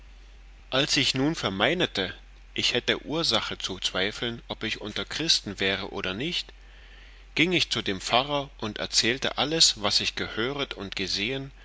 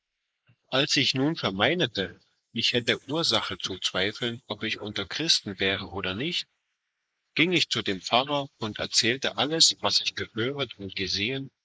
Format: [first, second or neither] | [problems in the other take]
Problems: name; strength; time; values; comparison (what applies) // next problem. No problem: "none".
first | noise reduction (neural mask model Resemble Enhance denoiser)